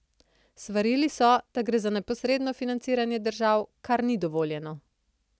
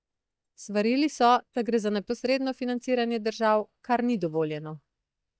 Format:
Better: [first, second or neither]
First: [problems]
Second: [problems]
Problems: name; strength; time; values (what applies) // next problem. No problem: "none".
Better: first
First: none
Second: noise reduction (neural mask model DeepFilterNet 3)